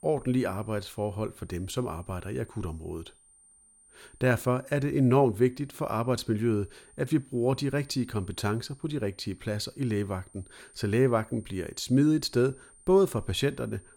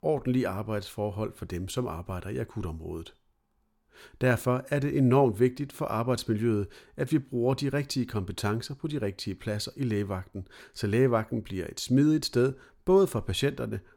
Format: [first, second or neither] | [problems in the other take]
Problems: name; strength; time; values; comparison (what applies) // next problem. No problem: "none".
second | high-pitched whine; faint; throughout; 9 kHz, 25 dB below the speech